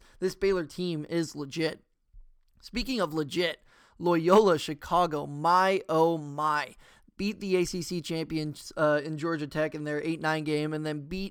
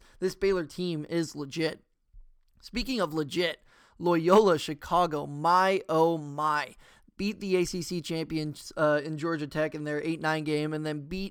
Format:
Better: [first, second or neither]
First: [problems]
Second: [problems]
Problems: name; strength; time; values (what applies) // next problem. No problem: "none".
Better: neither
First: none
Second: none